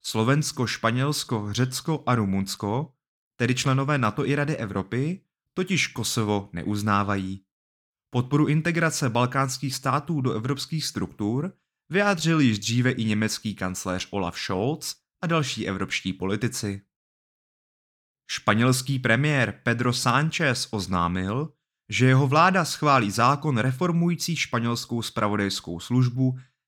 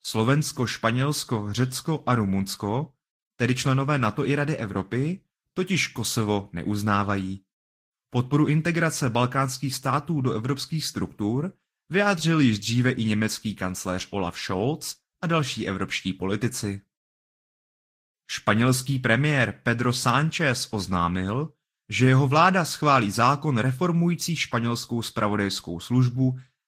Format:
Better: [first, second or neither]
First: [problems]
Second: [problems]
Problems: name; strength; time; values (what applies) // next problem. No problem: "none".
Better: first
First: none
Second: garbled, watery; slightly; nothing above 15 kHz